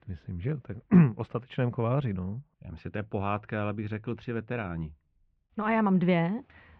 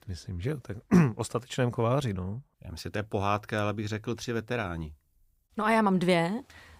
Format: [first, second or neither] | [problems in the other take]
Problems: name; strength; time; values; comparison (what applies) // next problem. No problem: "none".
second | muffled; very; fading above 2.5 kHz